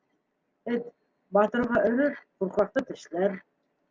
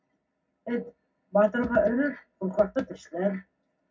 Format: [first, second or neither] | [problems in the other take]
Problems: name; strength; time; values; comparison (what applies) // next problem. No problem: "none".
first | room echo; dies away in 0.4 s